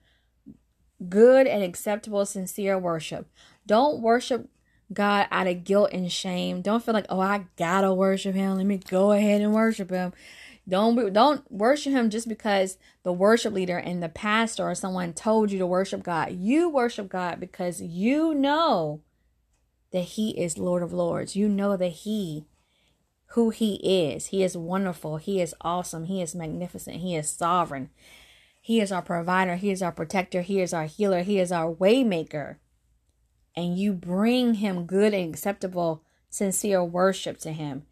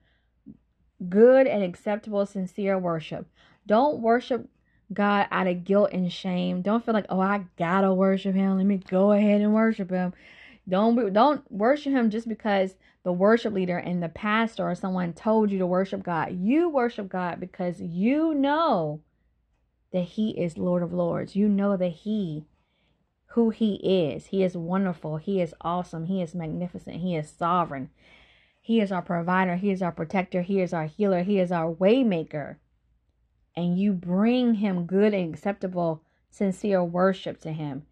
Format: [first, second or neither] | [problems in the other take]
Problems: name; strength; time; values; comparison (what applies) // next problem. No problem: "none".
first | muffled; slightly; fading above 3 kHz